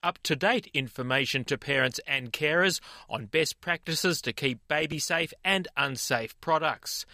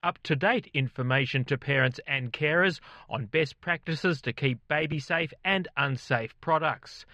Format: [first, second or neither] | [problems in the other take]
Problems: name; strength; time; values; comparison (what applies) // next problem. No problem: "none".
first | muffled; slightly; fading above 2.5 kHz